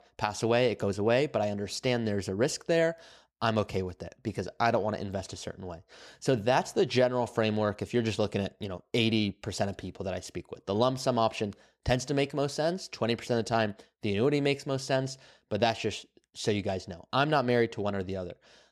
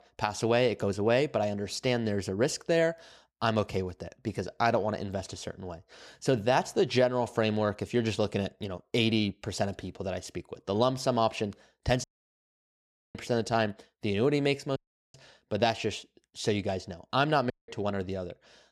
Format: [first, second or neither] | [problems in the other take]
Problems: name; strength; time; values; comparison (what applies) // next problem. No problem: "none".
first | audio cutting out; at 12 s for 1 s, at 15 s and at 18 s